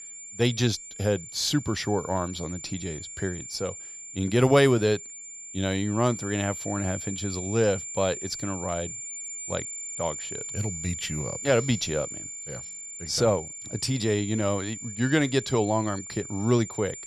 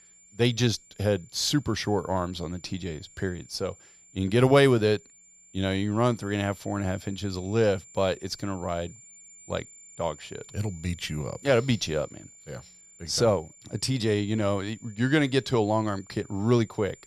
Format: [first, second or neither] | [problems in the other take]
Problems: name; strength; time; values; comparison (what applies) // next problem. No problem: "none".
second | high-pitched whine; loud; throughout; 7 kHz, 8 dB below the speech; faint in the second